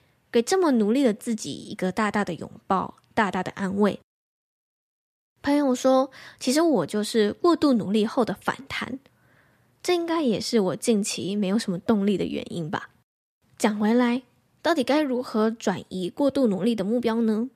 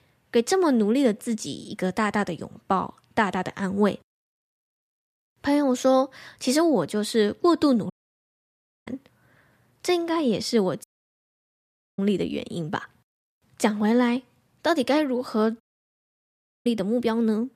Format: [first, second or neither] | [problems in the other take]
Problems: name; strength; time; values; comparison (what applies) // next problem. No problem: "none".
first | audio cutting out; at 8 s for 1 s, at 11 s for 1 s and at 16 s for 1 s